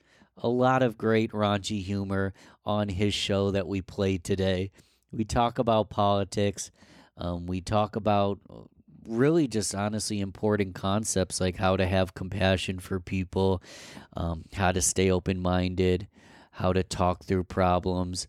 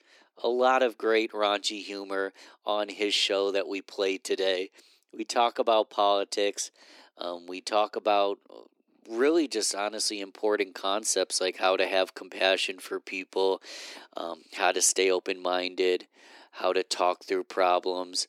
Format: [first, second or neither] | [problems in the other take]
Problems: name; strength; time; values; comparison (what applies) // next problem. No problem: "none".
first | thin; very; fading below 300 Hz